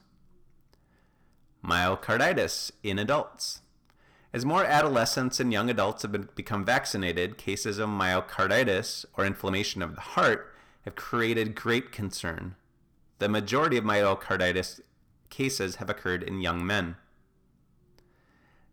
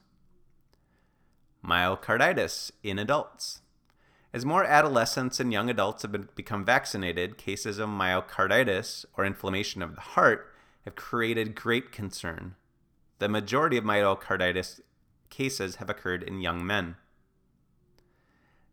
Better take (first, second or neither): second